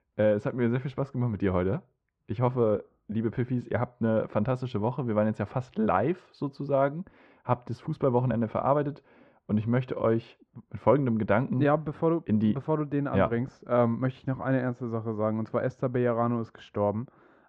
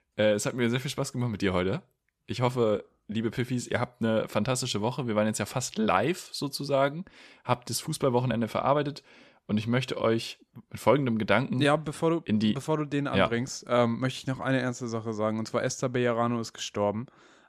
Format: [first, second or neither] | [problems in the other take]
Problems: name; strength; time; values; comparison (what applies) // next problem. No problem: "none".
second | muffled; very; fading above 1.5 kHz